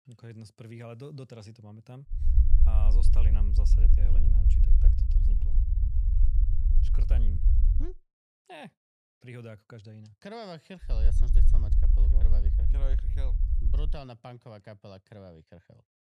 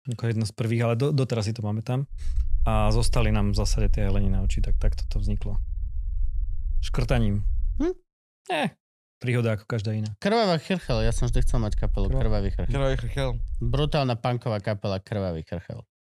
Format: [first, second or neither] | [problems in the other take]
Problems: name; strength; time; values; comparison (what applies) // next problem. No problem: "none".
second | low rumble; loud; from 2 to 8 s and from 11 to 14 s; 1 dB below the speech; faint in the second